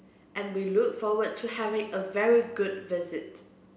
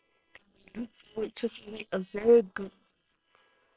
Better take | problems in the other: first | noise reduction (neural separator model SepFormer WHAM!)

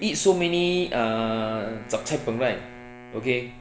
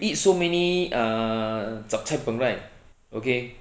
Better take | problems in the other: second | background sound (Wind instrument, woodwind instrument); 18 dB below the speech

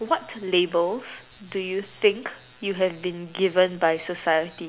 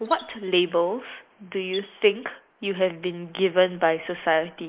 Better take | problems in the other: first | noise reduction (neural mask model Resemble Enhance denoiser)

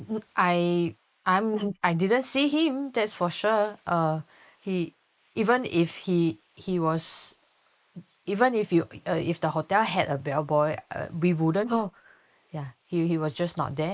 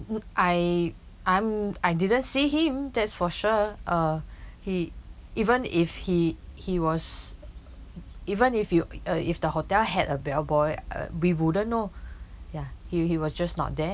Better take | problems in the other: second | noise reduction (neural mask model Resemble Enhance denoiser)

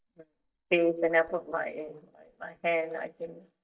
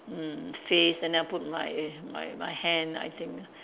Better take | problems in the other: second | noise reduction (neural mask model DeepFilterNet 3)

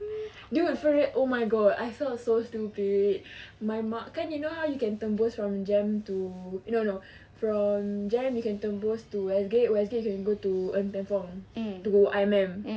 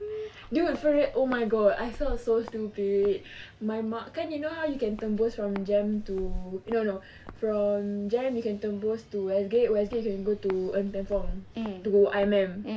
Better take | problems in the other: first | background sound (Walk, footsteps); 12 dB below the speech

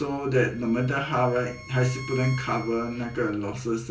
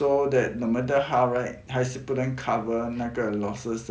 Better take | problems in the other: second | background sound (Bowed string instrument); 19 dB below the speech // room echo; dies away in 0.2 s

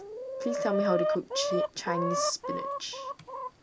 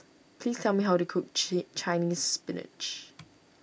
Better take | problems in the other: second | background sound (Chicken, rooster); 2 dB above the speech

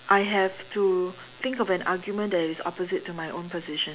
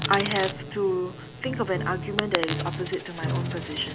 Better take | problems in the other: first | background sound (Piano + Coin (dropping)); 3 dB below the speech

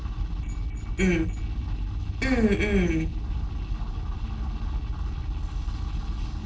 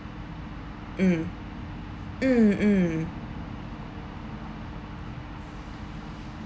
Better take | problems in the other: second | noise reduction (neural separator model SepFormer DNS4)

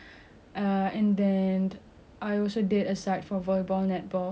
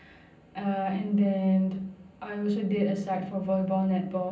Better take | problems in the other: first | room echo; dies away in 0.6 s

